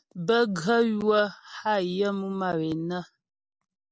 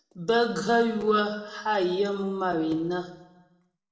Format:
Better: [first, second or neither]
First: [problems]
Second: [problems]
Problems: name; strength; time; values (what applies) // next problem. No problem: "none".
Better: first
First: none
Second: room echo; dies away in 0.9 s